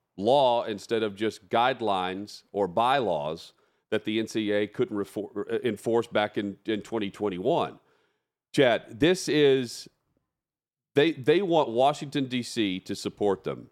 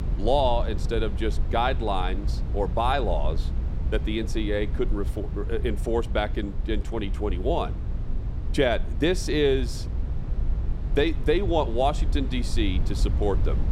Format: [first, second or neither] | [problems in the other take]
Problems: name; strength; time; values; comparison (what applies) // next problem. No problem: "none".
first | low rumble; noticeable; throughout; 15 dB below the speech